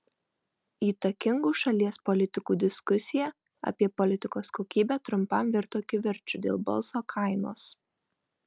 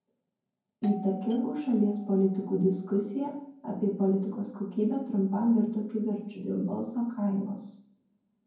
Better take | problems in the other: first | background sound (Doorbell); 20 dB below the speech // room echo; dies away in 0.9 s

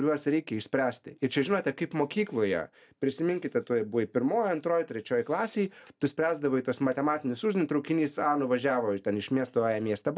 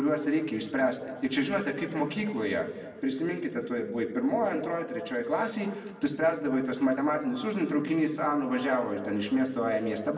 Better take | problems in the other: first | room echo; dies away in 1.6 s

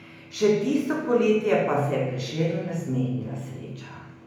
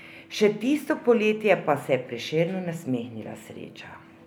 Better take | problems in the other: second | room echo; dies away in 0.9 s

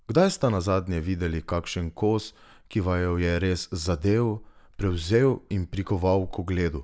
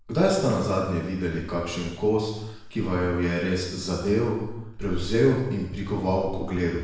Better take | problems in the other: first | room echo; dies away in 0.9 s

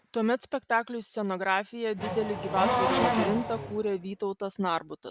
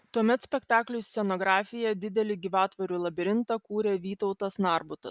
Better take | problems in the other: second | background sound (Race car, auto racing / Accelerating, revving, vroom); 1 dB above the speech

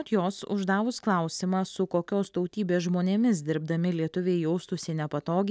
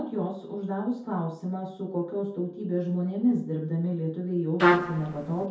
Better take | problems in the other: first | background sound (Trumpet); 5 dB above the speech // room echo; dies away in 0.6 s

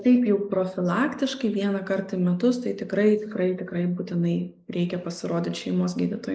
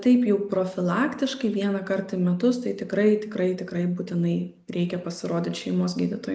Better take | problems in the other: second | noise reduction (neural mask model Resemble Enhance denoiser)

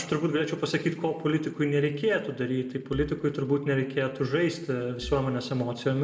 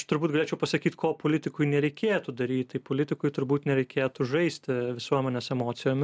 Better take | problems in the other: second | background sound (Marimba, xylophone); 14 dB below the speech // room echo; dies away in 0.8 s

